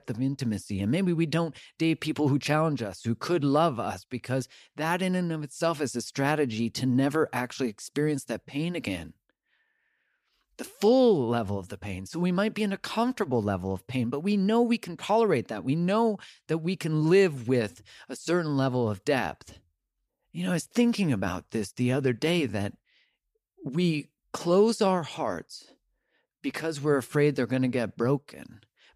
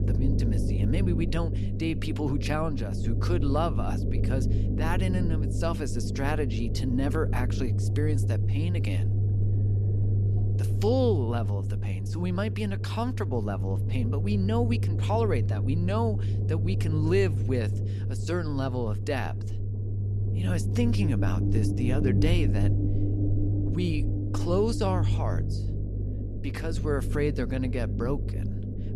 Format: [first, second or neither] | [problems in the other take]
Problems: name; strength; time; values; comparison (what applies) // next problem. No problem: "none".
first | low rumble; loud; throughout; 7 dB below the speech